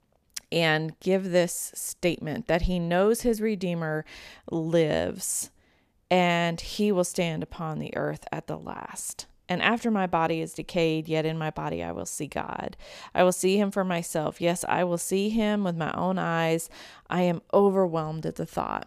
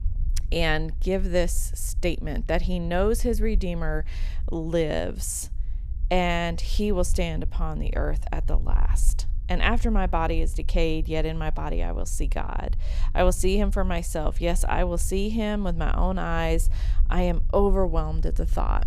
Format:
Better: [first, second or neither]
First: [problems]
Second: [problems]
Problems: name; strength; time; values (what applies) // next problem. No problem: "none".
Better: first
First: none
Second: low rumble; faint; throughout; 25 dB below the speech